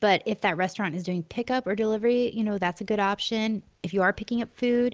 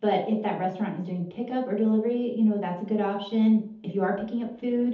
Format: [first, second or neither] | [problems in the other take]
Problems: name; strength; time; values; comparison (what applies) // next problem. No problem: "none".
first | room echo; dies away in 0.6 s